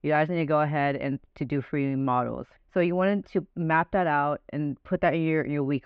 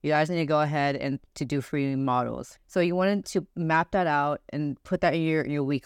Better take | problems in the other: second | muffled; very; fading above 3 kHz

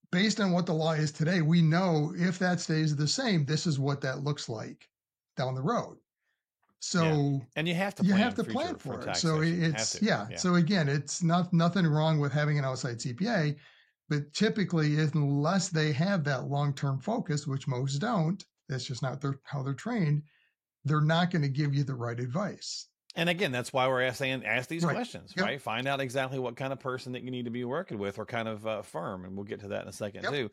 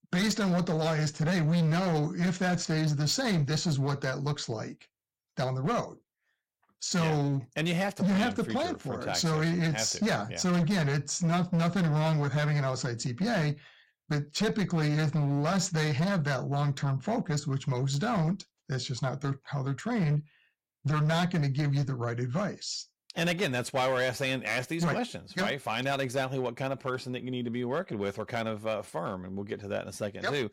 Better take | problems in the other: first | distortion; slight; 11% of the sound clipped

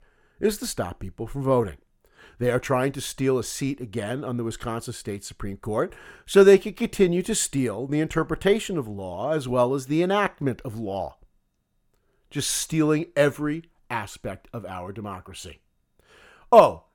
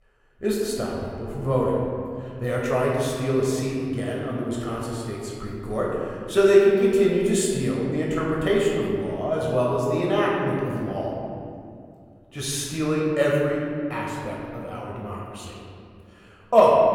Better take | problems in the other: first | off-mic speech; far // room echo; noticeable; dies away in 2.2 s

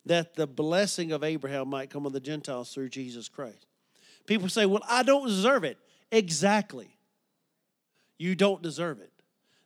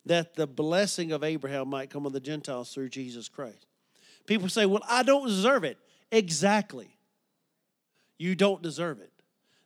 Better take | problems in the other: neither | none

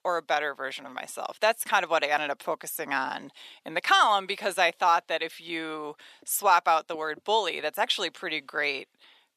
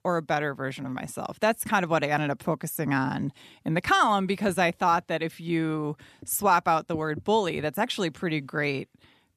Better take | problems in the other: second | thin; very; fading below 600 Hz

